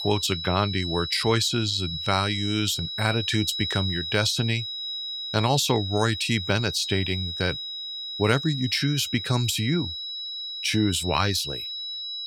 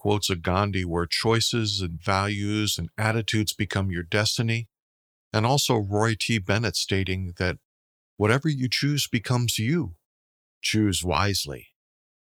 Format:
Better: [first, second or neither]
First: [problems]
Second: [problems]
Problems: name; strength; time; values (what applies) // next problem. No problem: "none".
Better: second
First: high-pitched whine; loud; throughout; 4 kHz, 5 dB below the speech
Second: none